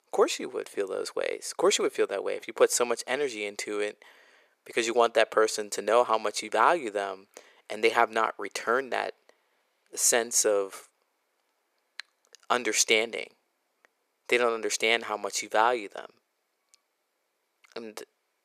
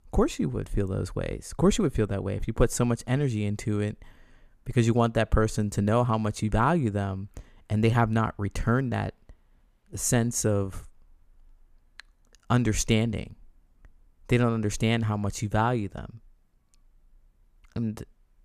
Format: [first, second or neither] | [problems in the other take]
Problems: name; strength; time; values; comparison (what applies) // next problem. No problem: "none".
second | thin; very; fading below 450 Hz